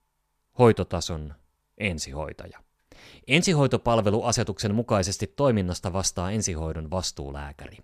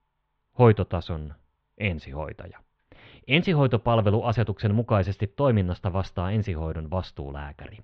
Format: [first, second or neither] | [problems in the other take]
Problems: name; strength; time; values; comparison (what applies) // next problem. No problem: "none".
first | muffled; very; fading above 3.5 kHz